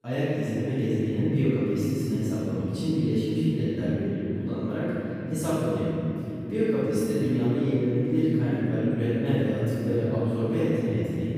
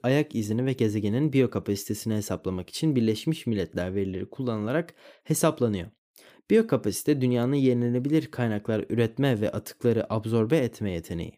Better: second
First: room echo; strong; dies away in 3 s // off-mic speech; far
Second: none

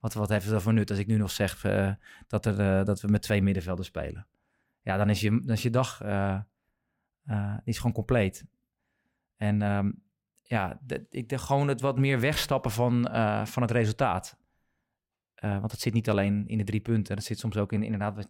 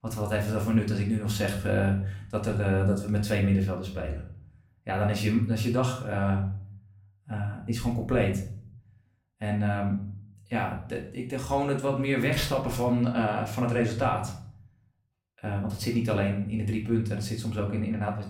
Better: first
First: none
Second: room echo; slight; dies away in 0.5 s // off-mic speech; far

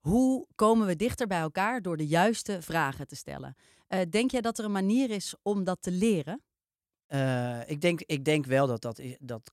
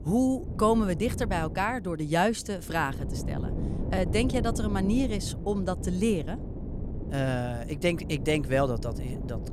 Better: first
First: none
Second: wind noise on the microphone; occasional gusts; 15 dB below the speech

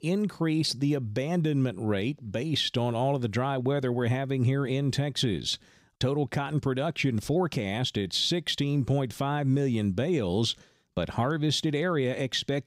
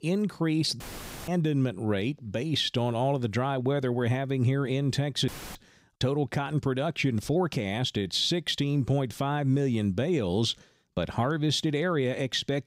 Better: first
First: none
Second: audio cutting out; filled with static; at 1 s and at 5.5 s

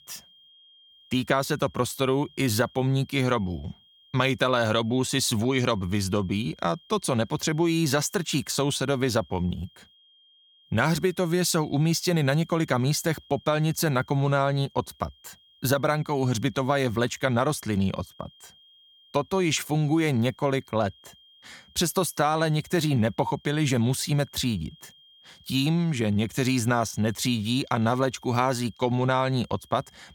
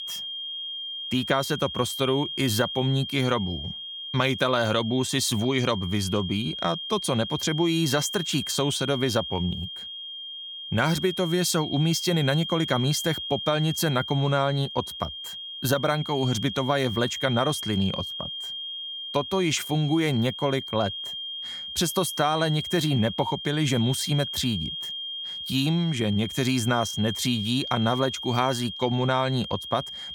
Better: first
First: high-pitched whine; faint; throughout; 3 kHz, 30 dB below the speech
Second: high-pitched whine; loud; throughout; 3 kHz, 7 dB below the speech

